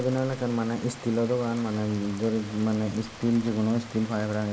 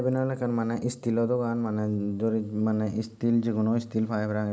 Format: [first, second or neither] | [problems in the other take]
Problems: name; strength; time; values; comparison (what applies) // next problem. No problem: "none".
second | background sound (Rain); 16 dB below the speech